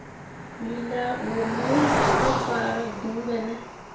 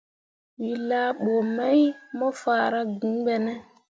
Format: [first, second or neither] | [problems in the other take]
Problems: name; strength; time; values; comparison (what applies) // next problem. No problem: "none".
second | background sound (Cricket); 1 dB above the speech // room echo; dies away in 0.3 s